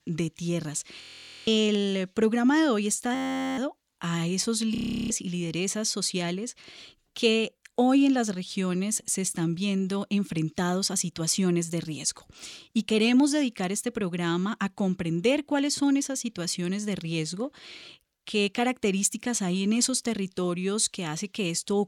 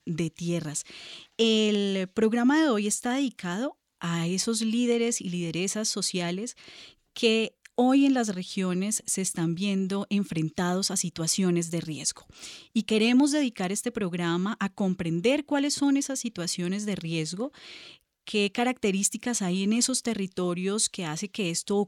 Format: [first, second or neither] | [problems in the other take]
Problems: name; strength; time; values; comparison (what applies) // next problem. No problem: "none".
second | audio freezing; at 1 s, at 3 s and at 5 s